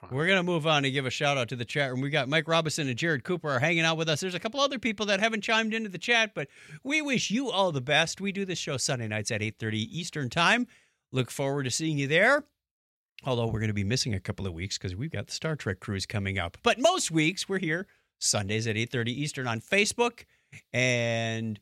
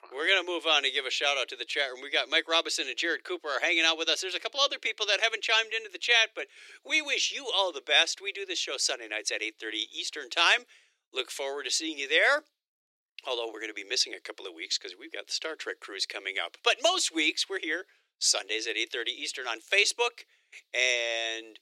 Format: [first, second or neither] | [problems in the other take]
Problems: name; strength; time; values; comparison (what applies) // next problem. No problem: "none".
first | thin; very; fading below 300 Hz